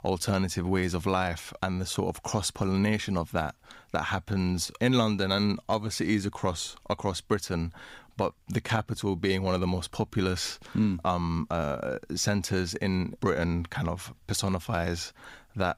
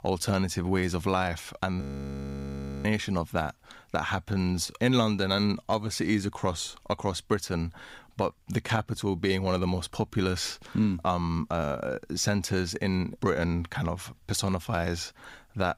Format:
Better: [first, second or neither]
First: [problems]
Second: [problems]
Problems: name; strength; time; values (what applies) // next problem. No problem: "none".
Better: first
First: none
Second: audio freezing; at 2 s for 1 s